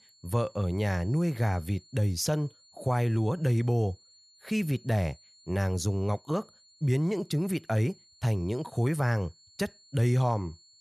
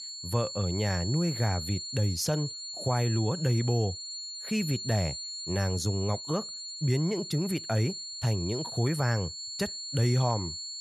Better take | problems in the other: first | high-pitched whine; loud; throughout; 4.5 kHz, 6 dB below the speech; faint in the first

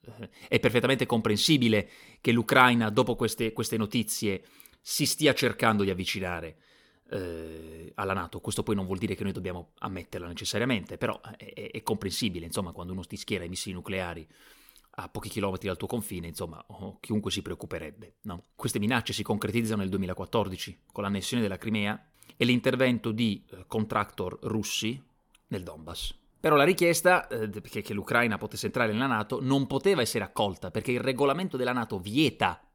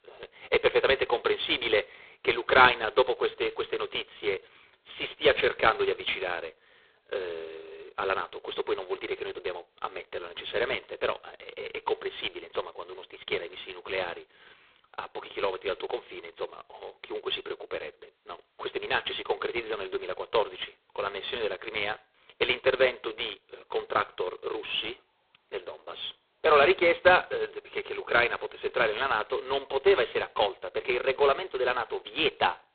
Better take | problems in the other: first | phone-call audio; poor line; nothing above 4 kHz

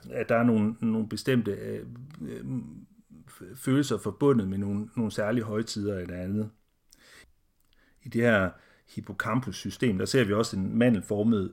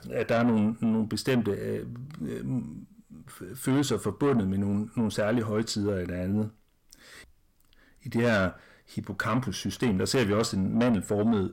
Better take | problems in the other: first | distortion; slight; 10 dB below the speech

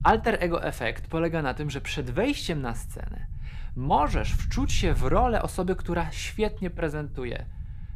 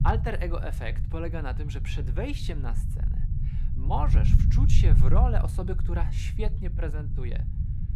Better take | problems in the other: first | low rumble; loud; throughout; 7 dB below the speech; faint in the first

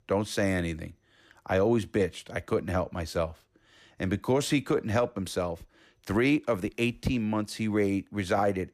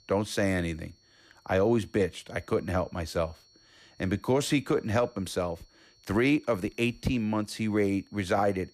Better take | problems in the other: first | high-pitched whine; faint; throughout; 4.5 kHz, 30 dB below the speech

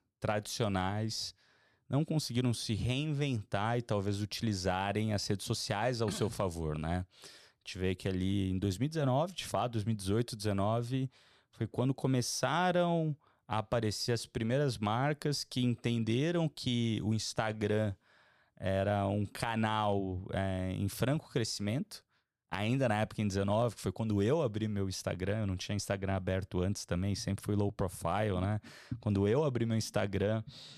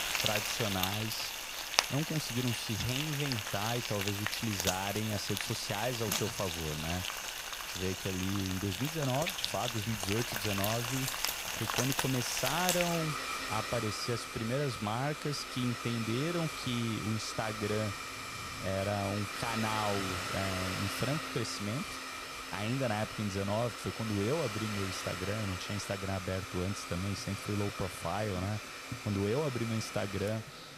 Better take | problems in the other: first | household noises; loud; throughout; 1 dB below the speech

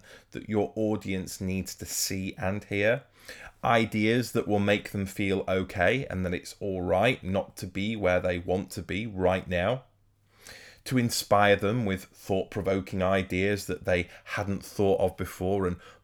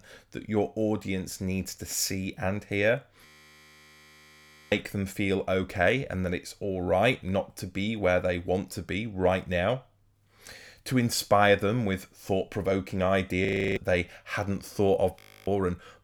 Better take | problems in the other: first | audio freezing; at 3.5 s for 1.5 s, at 13 s and at 15 s

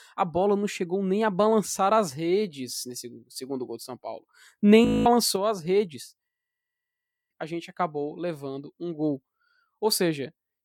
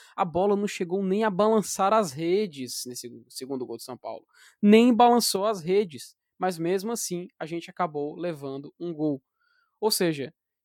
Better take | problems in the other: second | audio freezing; at 5 s and at 6.5 s for 1 s

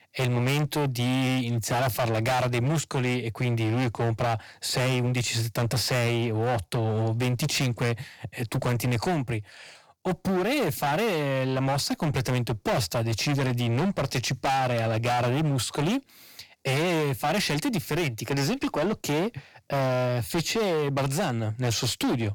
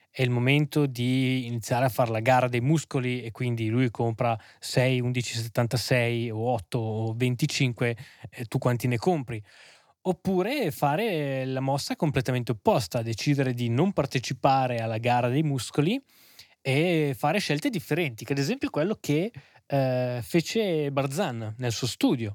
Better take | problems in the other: second | distortion; heavy; 27% of the sound clipped

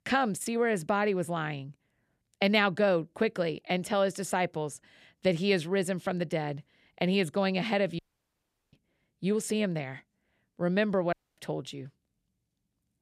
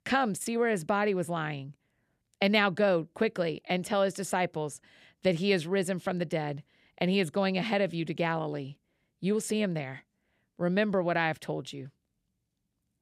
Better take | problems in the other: second | audio cutting out; at 8 s for 0.5 s and at 11 s

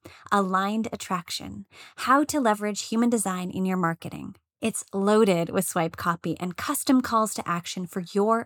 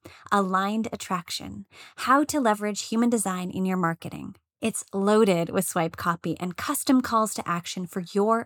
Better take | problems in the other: neither | none

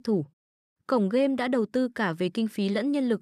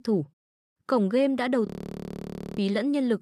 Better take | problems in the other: first | audio freezing; at 1.5 s for 1 s

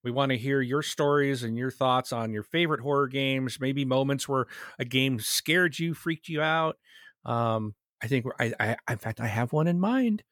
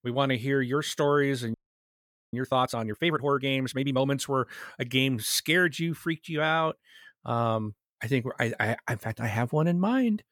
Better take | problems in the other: first | audio freezing; at 1.5 s for 1 s

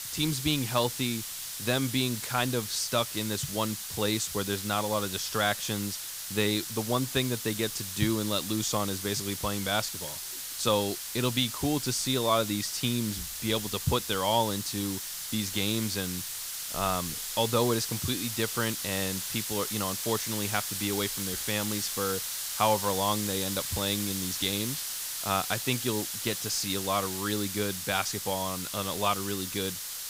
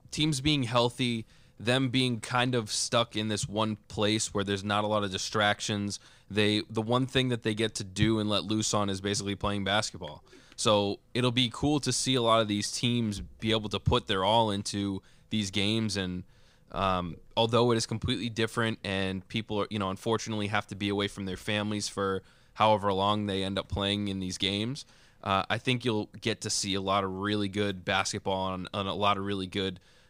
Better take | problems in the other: second | hiss; loud; throughout; 3 dB below the speech

